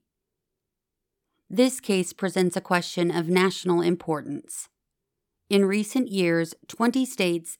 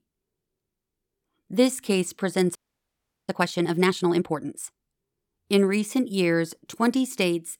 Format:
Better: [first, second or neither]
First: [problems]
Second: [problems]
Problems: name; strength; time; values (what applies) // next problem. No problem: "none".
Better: first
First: none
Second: audio freezing; at 2.5 s for 0.5 s